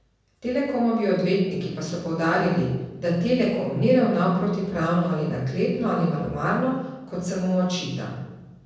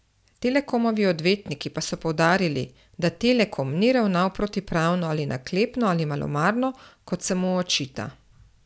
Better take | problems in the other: second | room echo; dies away in 1.1 s

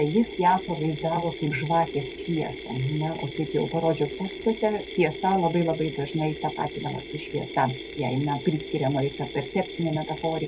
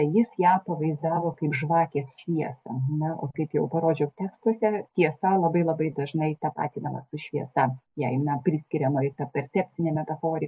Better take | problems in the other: second | background sound (Mechanisms); 10 dB below the speech

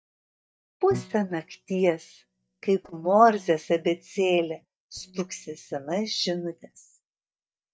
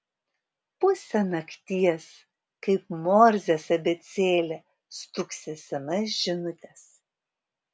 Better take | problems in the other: second | noise reduction (neural mask model DeepFilterNet 3)

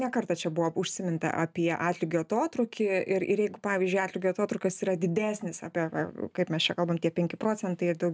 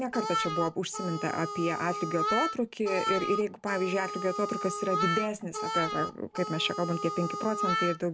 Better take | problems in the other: first | background sound (Harmonica); 2 dB below the speech

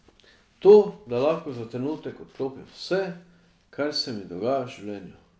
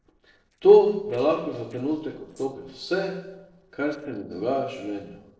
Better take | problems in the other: first | noise reduction (neural separator model SepFormer DNS4)

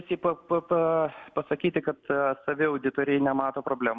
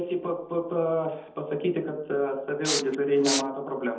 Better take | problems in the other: first | background sound (Respiratory sounds); 2 dB below the speech // room echo; dies away in 0.8 s

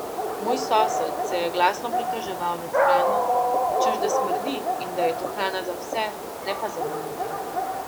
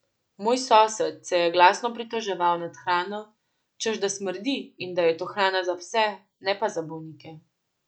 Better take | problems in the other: second | background sound (Dog); 3 dB above the speech

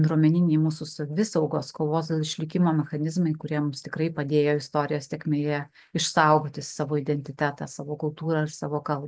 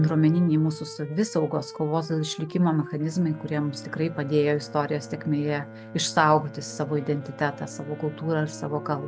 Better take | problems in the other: first | background sound (Wind instrument, woodwind instrument + Bowed string instrument); 15 dB below the speech

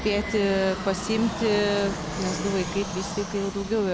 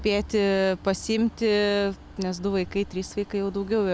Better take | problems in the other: second | background sound (Fixed-wing aircraft, airplane); 6 dB below the speech

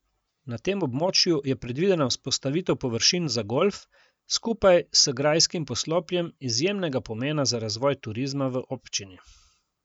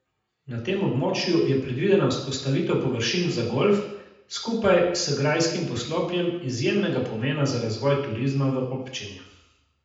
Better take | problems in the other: first | room echo; dies away in 0.9 s

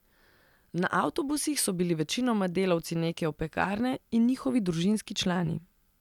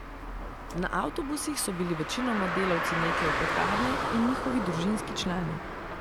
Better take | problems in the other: first | background sound (Car); 1 dB below the speech

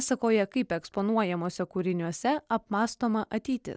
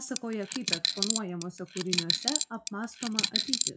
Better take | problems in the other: first | noise reduction (classical method WPE with log-MMSE)

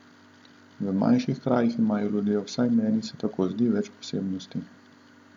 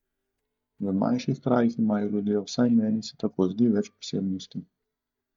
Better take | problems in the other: first | noise reduction (neural mask model DeepFilterNet 3)

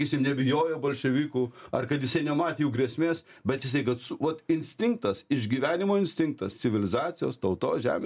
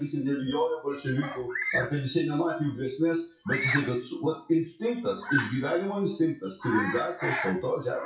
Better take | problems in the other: first | noise reduction (classical method WPE with log-MMSE)

